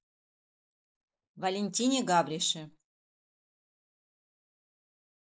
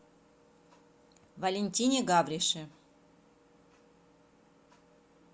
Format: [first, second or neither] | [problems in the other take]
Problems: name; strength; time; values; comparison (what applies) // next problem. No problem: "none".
second | noise reduction (neural mask model Resemble Enhance denoiser)